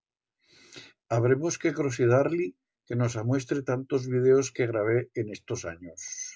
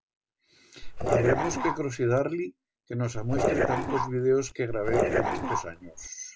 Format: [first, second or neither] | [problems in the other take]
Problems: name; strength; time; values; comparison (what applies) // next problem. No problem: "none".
first | background sound (Dog); 1 dB above the speech